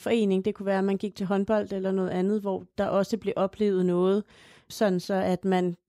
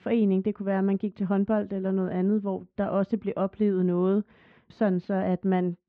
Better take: first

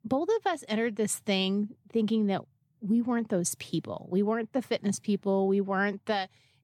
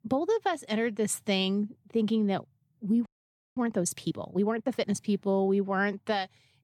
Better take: first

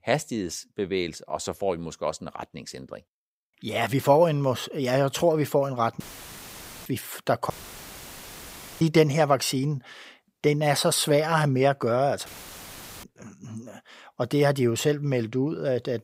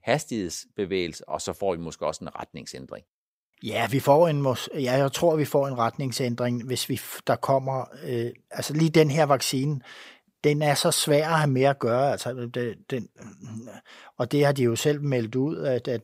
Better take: second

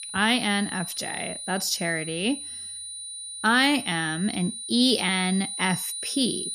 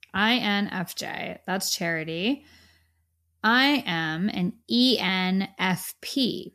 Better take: second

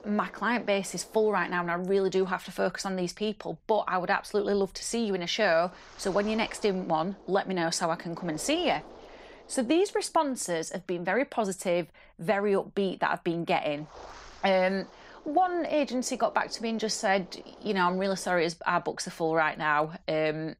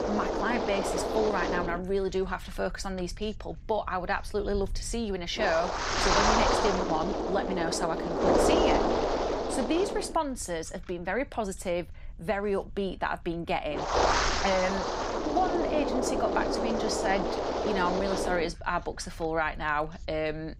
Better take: first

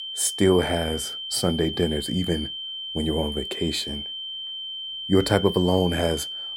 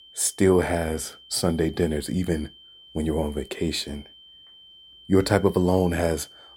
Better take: second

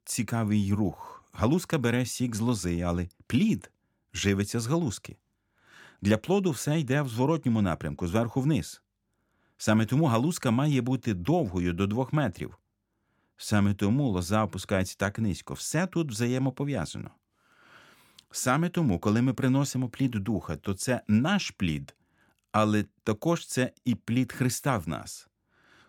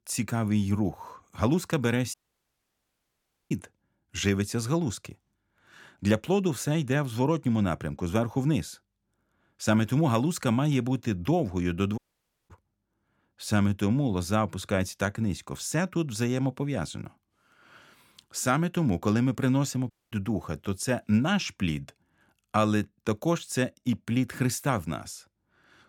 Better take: first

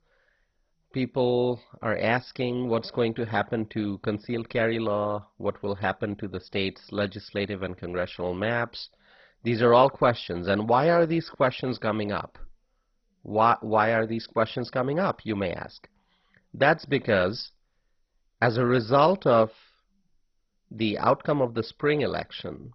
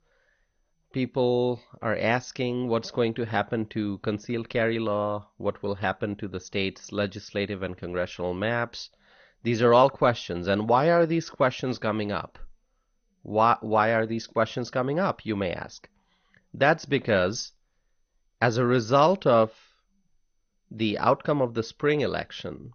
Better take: second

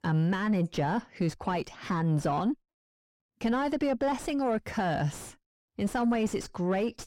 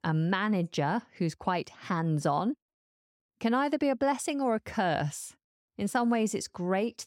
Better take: second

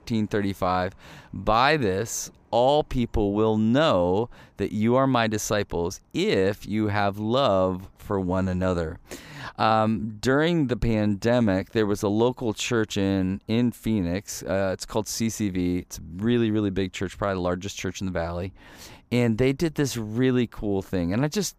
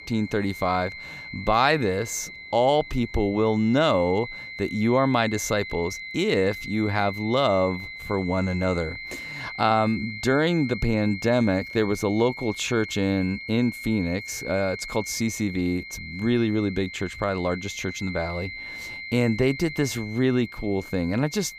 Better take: first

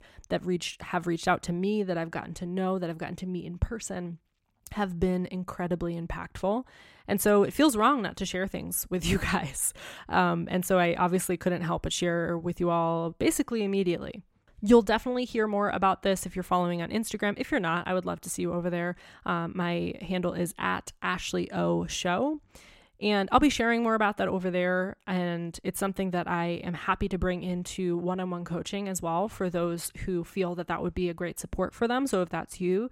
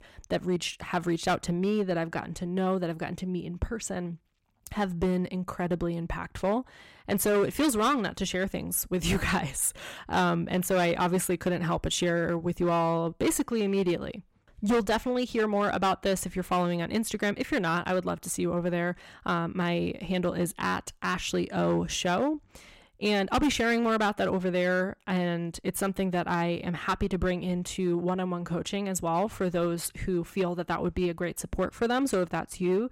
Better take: first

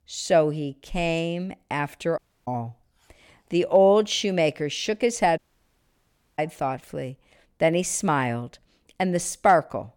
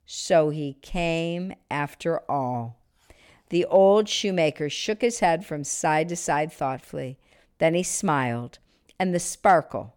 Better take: second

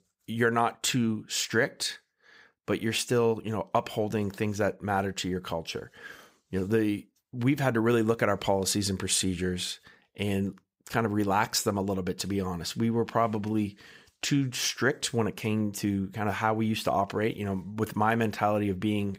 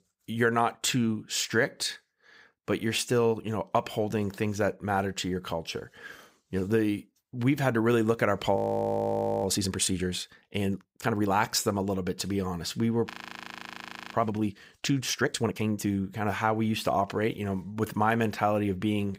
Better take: first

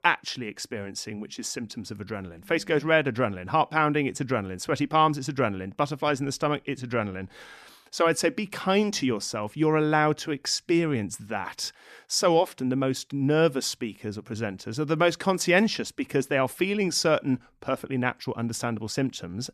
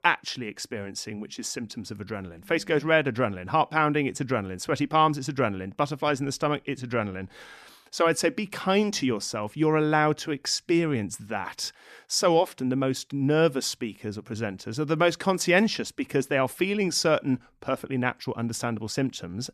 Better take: neither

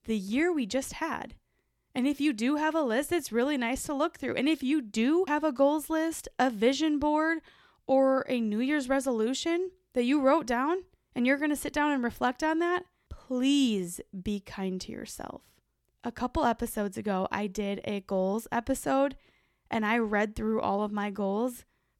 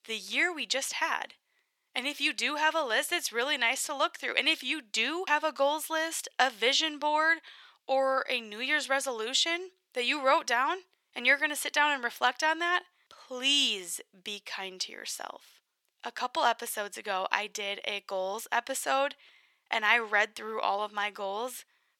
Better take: first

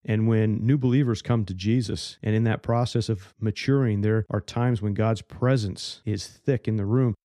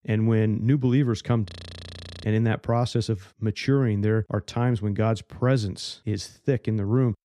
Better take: first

